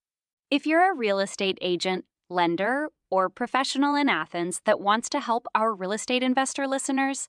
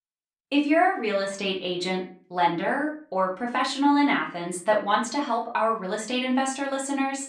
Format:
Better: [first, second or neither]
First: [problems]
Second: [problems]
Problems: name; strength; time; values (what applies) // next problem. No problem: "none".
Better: first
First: none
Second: off-mic speech; far // room echo; slight; dies away in 0.3 s